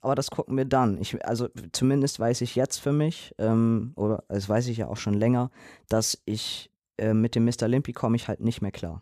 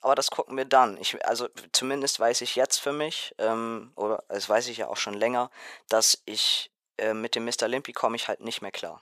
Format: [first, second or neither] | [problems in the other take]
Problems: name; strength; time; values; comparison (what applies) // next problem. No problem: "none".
first | thin; very; fading below 700 Hz